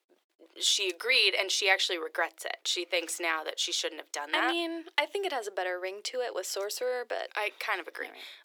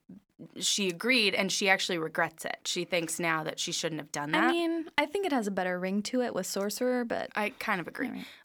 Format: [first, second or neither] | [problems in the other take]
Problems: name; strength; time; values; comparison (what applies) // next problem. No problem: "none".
second | thin; very; fading below 350 Hz